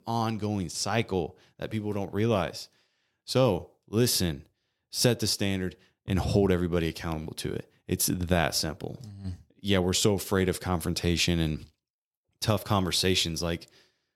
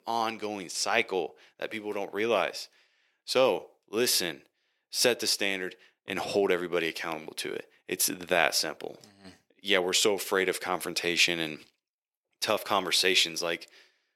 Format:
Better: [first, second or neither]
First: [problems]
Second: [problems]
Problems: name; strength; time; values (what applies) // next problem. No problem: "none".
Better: first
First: none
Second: thin; somewhat; fading below 450 Hz